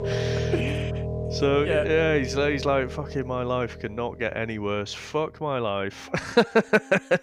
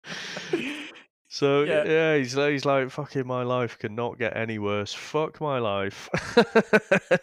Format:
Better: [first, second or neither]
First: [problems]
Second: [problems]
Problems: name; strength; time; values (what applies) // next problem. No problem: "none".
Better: second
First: background music; loud; throughout; 6 dB below the speech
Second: none